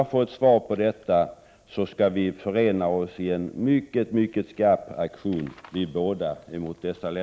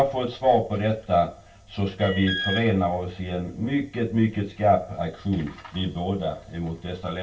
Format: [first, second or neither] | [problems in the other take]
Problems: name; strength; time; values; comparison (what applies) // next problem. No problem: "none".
first | background sound (Alarm); 7 dB below the speech // room echo; dies away in 0.2 s